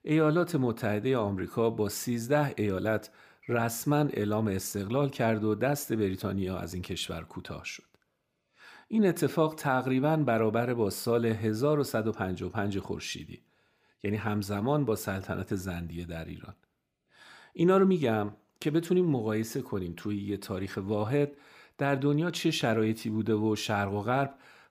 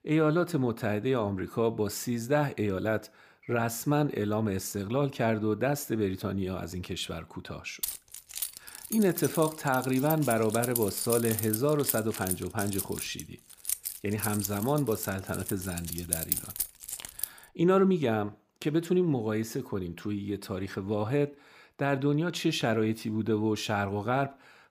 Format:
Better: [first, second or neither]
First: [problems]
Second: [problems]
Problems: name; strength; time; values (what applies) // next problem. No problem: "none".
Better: first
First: none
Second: jangling keys; loud; from 8 to 17 s; peak 1 dB above the speech